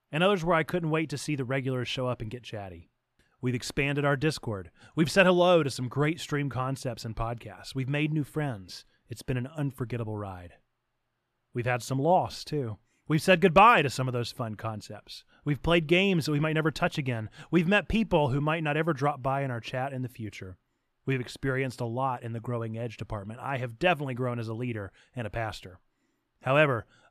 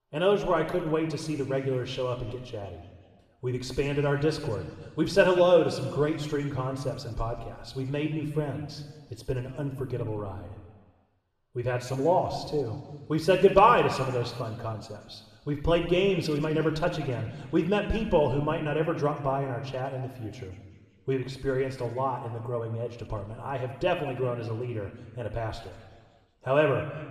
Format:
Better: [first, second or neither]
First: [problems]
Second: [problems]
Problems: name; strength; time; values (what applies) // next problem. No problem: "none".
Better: first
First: none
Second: room echo; noticeable; dies away in 1.4 s // off-mic speech; somewhat distant